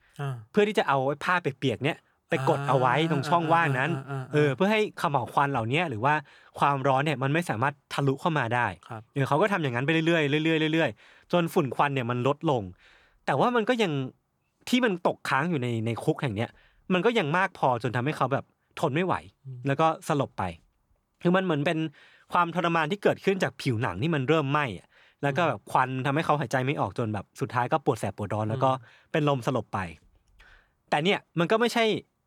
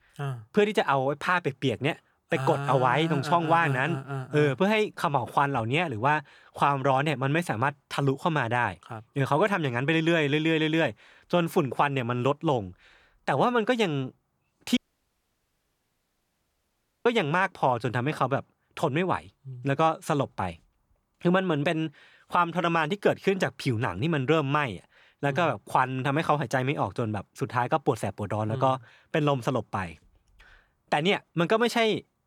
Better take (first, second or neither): first